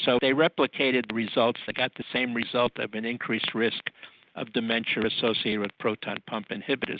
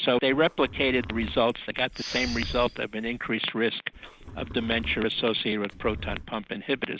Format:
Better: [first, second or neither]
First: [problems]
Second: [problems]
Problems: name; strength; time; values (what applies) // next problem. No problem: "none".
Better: first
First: none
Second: background sound (Respiratory sounds + Livestock, farm animals, working animals); 12 dB below the speech